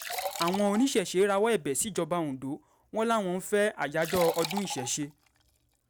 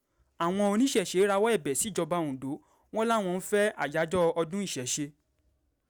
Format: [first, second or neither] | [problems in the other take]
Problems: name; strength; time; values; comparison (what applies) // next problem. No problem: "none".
second | background sound (Liquid); 12 dB below the speech